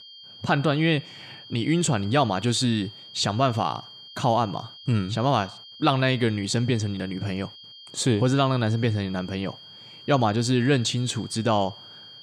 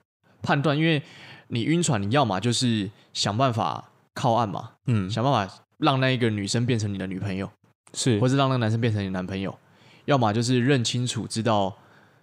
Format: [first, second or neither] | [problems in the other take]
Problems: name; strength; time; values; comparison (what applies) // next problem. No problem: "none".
second | high-pitched whine; noticeable; throughout; 3 kHz, 20 dB below the speech